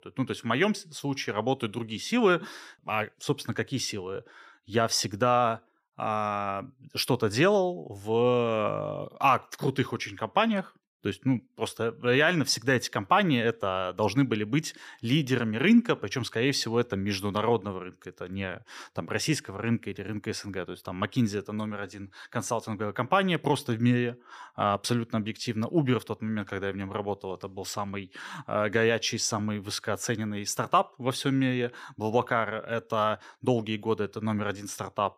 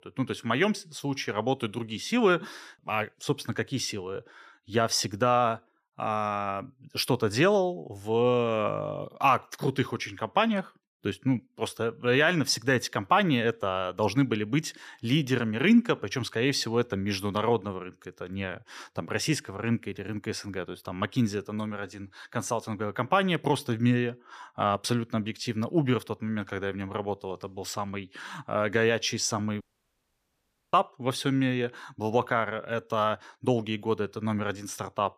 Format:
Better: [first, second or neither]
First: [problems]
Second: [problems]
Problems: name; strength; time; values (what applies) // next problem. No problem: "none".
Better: first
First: none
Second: audio cutting out; at 30 s for 1 s